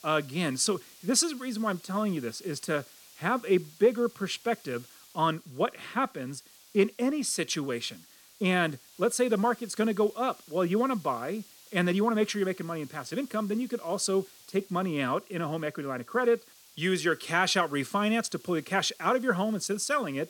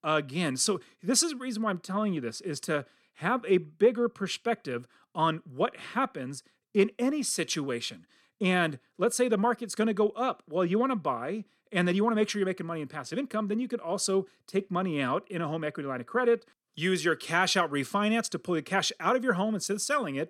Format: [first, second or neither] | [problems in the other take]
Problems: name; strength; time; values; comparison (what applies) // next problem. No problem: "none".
second | hiss; faint; throughout; 25 dB below the speech